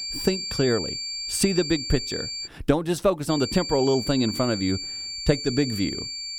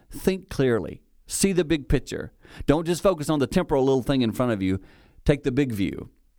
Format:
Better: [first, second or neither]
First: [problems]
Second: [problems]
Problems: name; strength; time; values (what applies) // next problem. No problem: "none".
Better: second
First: high-pitched whine; loud; until 2.5 s and from 3.5 s on; 4.5 kHz, 5 dB below the speech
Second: none